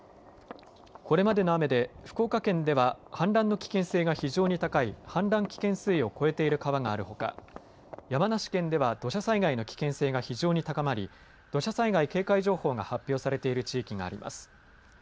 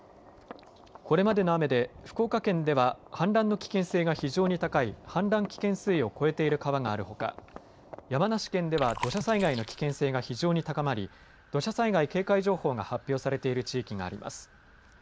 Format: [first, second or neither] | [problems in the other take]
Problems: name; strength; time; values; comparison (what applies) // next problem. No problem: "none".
first | background sound (Chewing, mastication); 11 dB below the speech